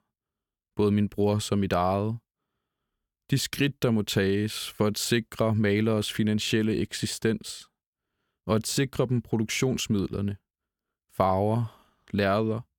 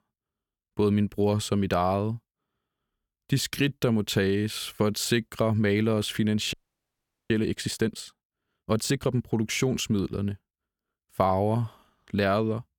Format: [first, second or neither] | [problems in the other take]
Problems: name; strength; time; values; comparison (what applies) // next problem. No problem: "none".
first | audio freezing; at 6.5 s for 1 s